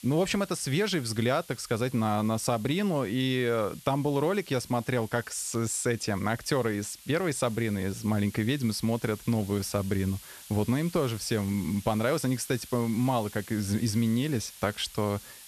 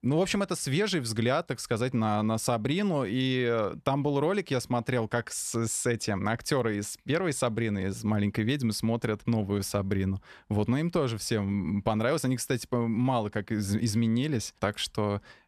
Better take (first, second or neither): second